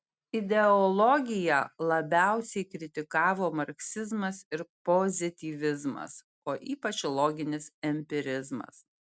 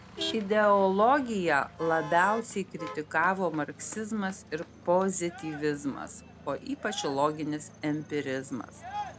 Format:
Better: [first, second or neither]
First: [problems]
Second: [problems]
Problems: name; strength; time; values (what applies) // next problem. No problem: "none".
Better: first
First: none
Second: background sound (Motor vehicle (road)); 14 dB below the speech